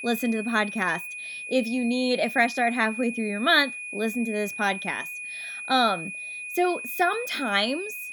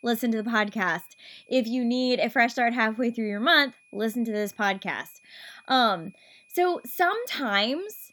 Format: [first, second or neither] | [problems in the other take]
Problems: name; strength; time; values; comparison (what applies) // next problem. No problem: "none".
second | high-pitched whine; loud; throughout; 2.5 kHz, 8 dB below the speech; faint in the second